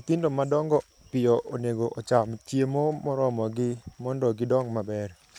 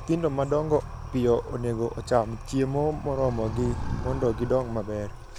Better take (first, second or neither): first